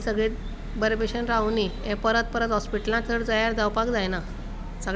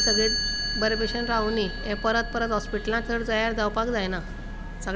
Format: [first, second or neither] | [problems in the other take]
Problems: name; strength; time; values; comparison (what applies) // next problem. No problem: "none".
first | background sound (Chime); 6 dB below the speech